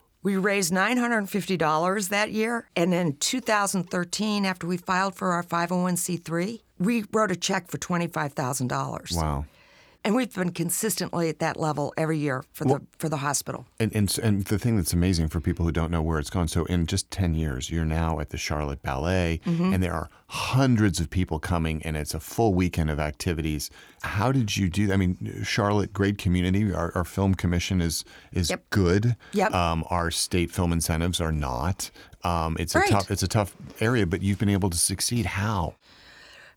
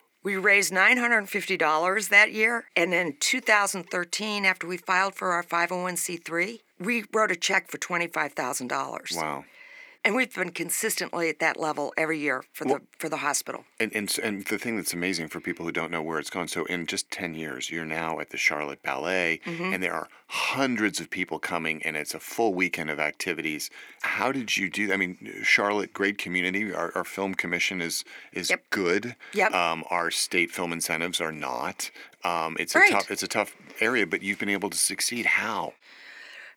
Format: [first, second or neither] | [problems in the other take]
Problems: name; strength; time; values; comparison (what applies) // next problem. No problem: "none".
first | thin; somewhat; fading below 250 Hz